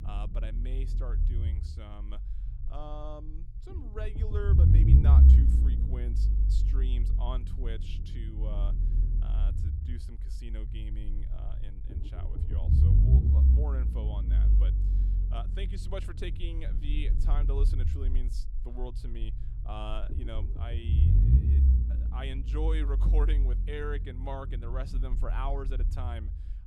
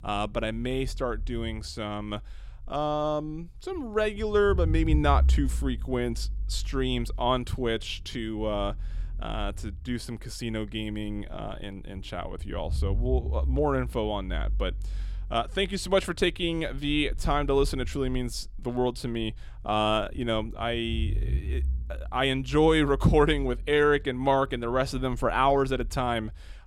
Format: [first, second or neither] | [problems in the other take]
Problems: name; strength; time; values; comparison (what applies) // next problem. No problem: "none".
second | low rumble; loud; throughout; 1 dB below the speech; faint in the second